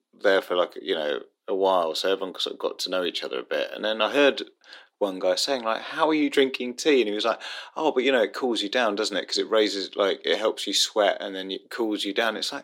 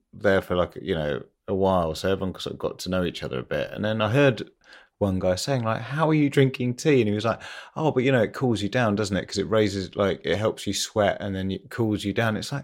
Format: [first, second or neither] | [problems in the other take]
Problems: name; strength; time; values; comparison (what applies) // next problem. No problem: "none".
second | thin; somewhat; fading below 300 Hz